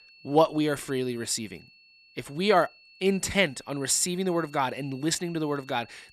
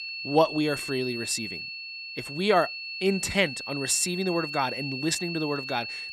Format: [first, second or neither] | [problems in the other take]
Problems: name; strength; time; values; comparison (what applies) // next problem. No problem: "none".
first | high-pitched whine; loud; throughout; 2.5 kHz, 6 dB below the speech; faint in the first